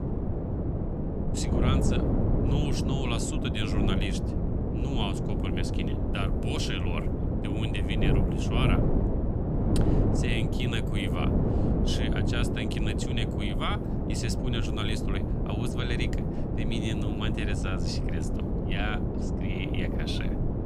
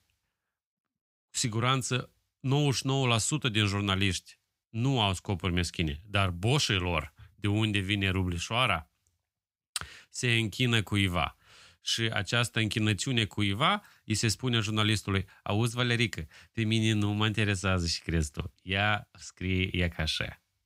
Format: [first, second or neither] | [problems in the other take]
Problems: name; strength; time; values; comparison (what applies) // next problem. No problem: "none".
second | wind noise on the microphone; heavy; as loud as the speech